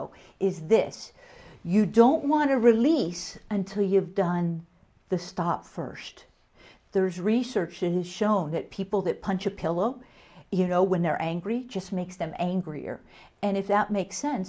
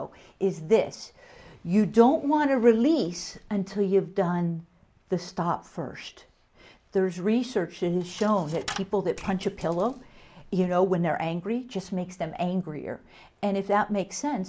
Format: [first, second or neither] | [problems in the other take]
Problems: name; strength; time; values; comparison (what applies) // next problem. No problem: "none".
first | background sound (Coin (dropping)); 17 dB below the speech